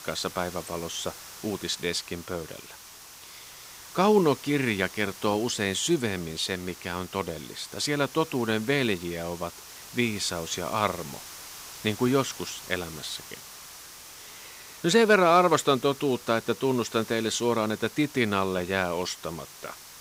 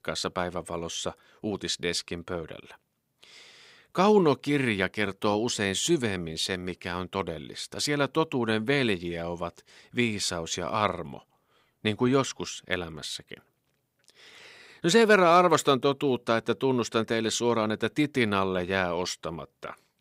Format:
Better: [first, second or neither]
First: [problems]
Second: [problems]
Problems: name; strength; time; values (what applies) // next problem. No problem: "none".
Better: second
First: hiss; noticeable; throughout; 15 dB below the speech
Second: none